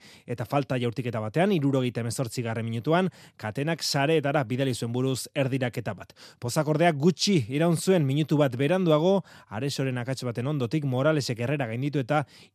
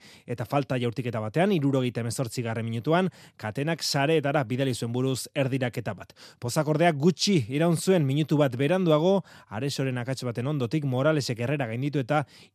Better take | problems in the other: neither | none

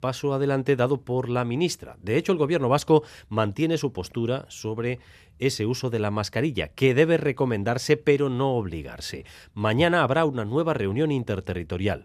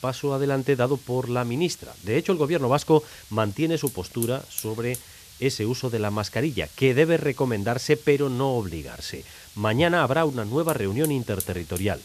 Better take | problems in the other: first | hiss; noticeable; throughout; 15 dB below the speech

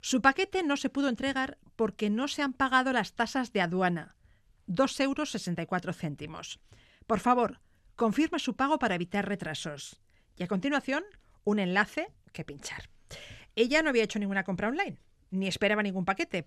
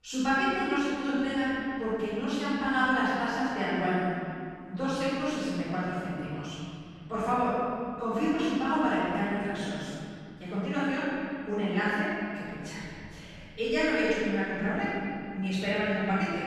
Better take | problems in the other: first | room echo; strong; dies away in 2.6 s // off-mic speech; far

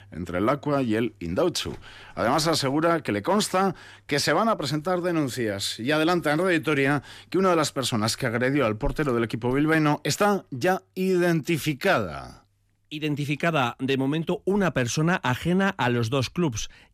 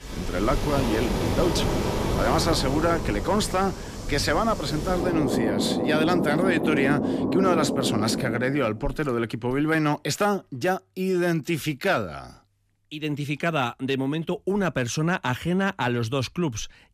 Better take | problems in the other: first | rain or running water; loud; until 8 s; 2 dB below the speech

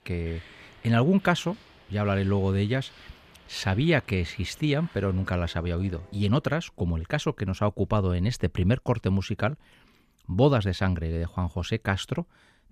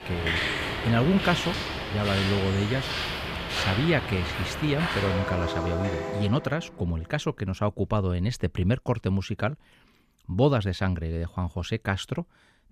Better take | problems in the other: first | animal sounds; loud; until 6 s; 2 dB below the speech; faint in the first

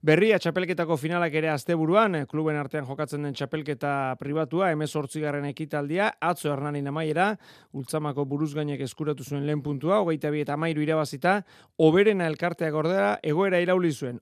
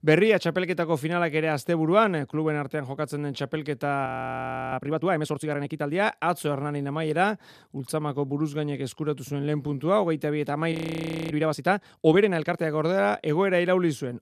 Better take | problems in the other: first | audio freezing; at 4 s for 0.5 s and at 11 s for 0.5 s

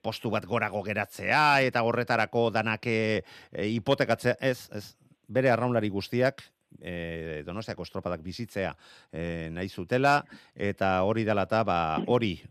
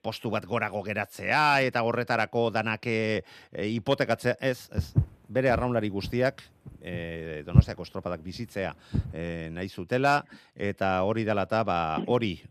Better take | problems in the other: first | footsteps; loud; from 5 to 9 s; peak 5 dB above the speech

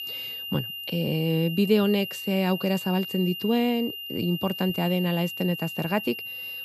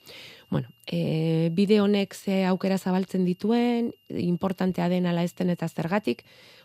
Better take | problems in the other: second | high-pitched whine; loud; throughout; 3 kHz, 7 dB below the speech; faint in the second

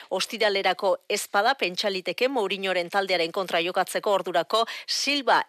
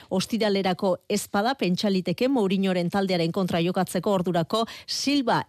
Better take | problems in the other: second | thin; very; fading below 500 Hz

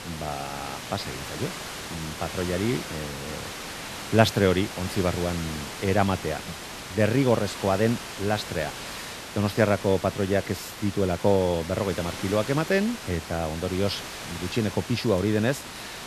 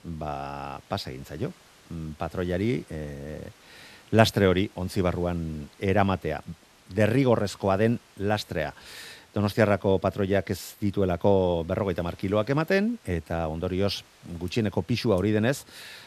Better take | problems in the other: second | hiss; loud; throughout; 9 dB below the speech; faint in the second

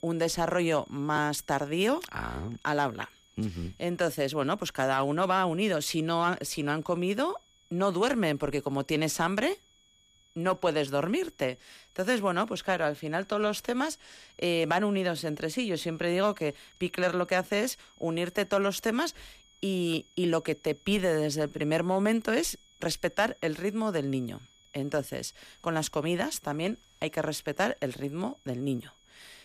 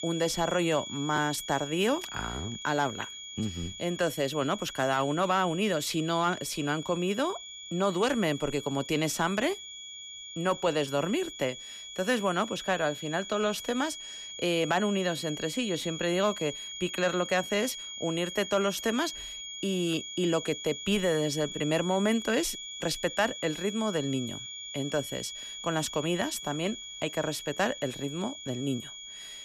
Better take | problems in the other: first | high-pitched whine; loud; throughout; 3.5 kHz, 9 dB below the speech; faint in the first

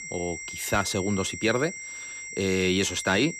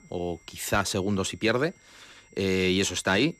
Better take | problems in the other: second | high-pitched whine; loud; throughout; 2 kHz, 9 dB below the speech; faint in the second

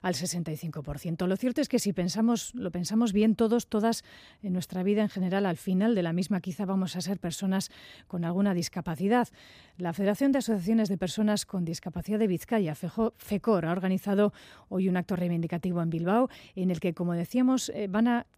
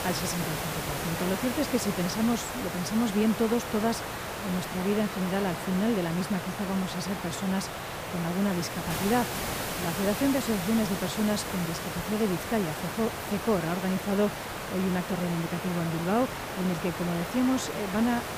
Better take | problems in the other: first | hiss; loud; throughout; 4 dB below the speech

